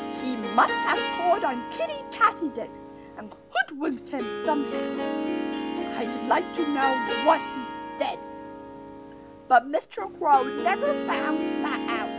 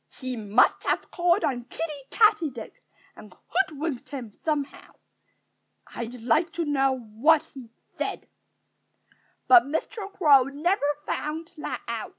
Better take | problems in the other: second | background sound (Harp); 4 dB below the speech

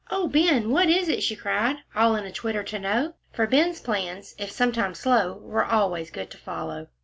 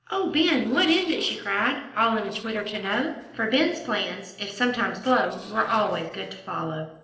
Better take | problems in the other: first | noise reduction (neural separator model SepFormer DNS4)

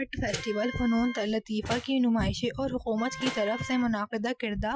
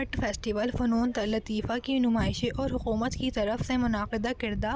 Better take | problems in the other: second | noise reduction (classical method Wiener filter)

